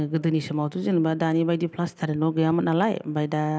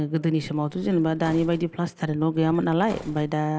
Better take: first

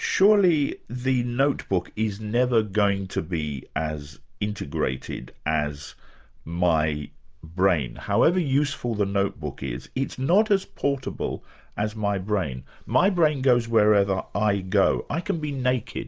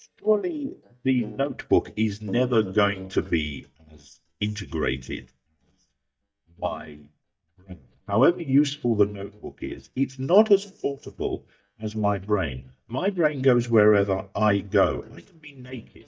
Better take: first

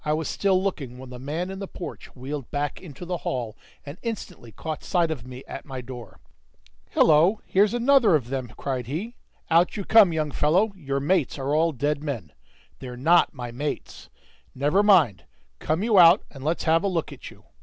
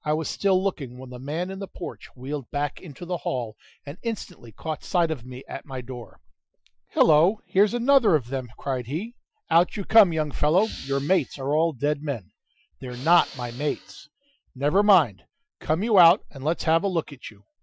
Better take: first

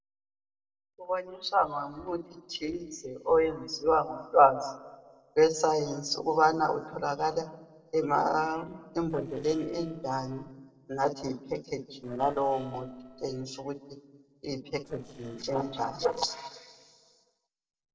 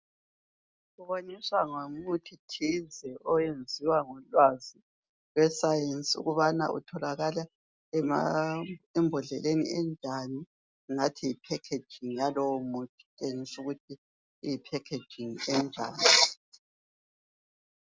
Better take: second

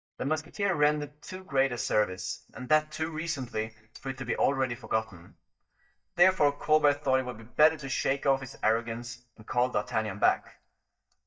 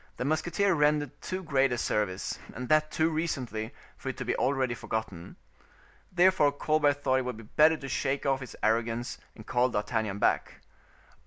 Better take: second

